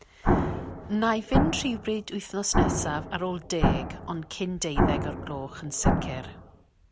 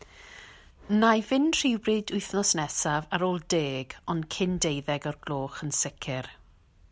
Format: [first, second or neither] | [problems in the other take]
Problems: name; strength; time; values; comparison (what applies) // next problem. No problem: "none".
second | background sound (Explosion); 4 dB above the speech